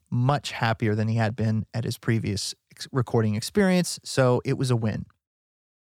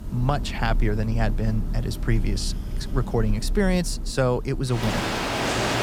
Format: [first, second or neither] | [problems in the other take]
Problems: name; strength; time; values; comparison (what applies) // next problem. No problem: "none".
first | rain or running water; loud; throughout; 3 dB below the speech